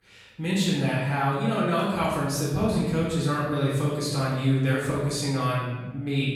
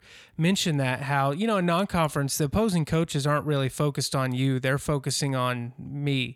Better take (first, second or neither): second